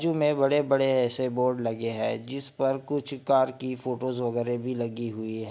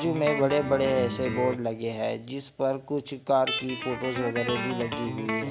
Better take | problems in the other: first | background sound (Guitar); 7 dB below the speech

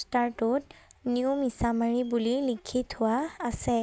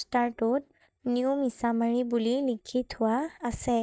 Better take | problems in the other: first | noise reduction (neural mask model DeepFilterNet 3)

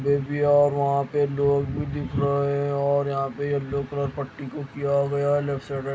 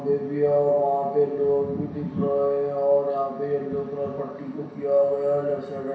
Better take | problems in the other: first | room echo; dies away in 0.7 s

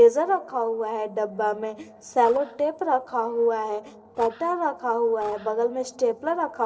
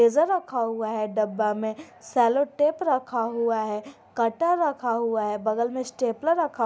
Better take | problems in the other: second | noise reduction (neural separator model SepFormer DNS4)

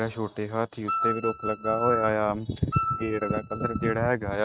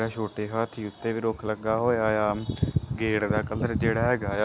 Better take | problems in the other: second | noise reduction (neural mask model RNNoise)

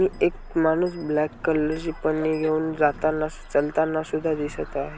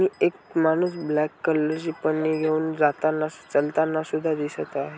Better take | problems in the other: second | background sound (Engine); 17 dB below the speech

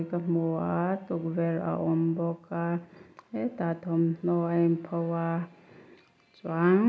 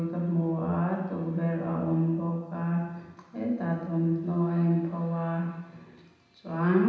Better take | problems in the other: first | room echo; dies away in 1.1 s

